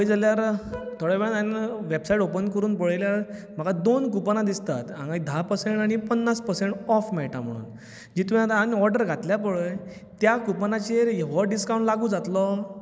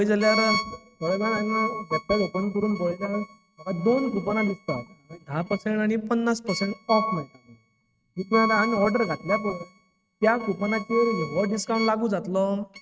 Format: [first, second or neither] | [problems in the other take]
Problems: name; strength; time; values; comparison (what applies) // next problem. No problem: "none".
first | noise reduction (neural mask model RNNoise)